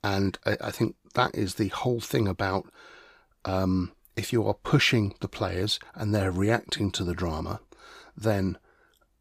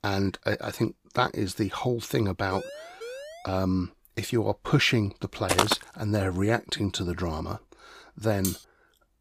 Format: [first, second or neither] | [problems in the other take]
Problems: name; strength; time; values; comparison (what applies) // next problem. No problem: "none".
first | siren; faint; from 2.5 to 3.5 s; peak 10 dB below the speech // footsteps; loud; at 5.5 s; peak 4 dB above the speech // clattering dishes; noticeable; at 8.5 s; peak 6 dB below the speech